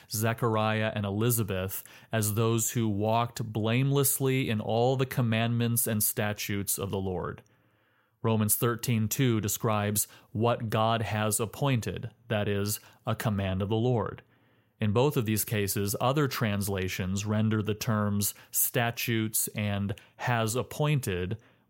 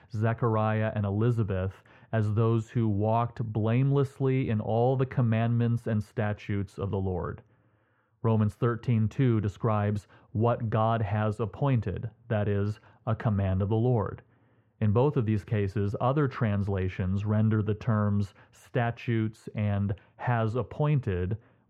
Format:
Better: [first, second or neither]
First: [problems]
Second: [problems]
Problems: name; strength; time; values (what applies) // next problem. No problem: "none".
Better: first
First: none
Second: muffled; very; fading above 1.5 kHz